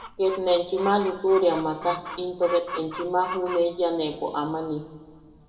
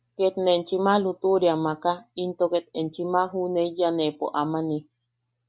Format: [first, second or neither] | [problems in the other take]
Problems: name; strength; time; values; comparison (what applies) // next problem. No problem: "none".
second | background sound (Chicken, rooster); 13 dB below the speech // room echo; dies away in 1.7 s